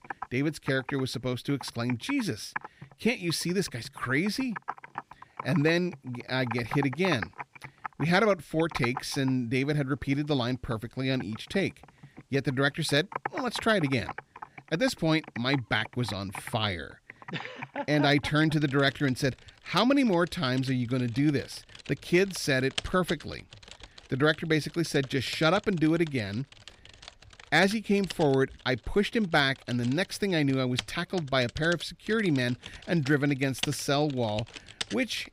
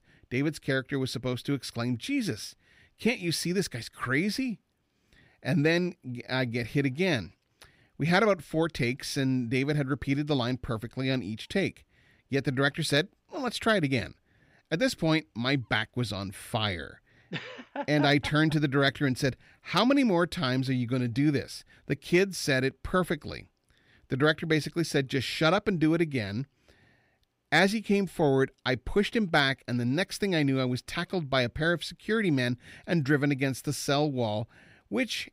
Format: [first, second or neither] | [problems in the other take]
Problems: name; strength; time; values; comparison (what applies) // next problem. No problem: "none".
second | household noises; noticeable; throughout; 15 dB below the speech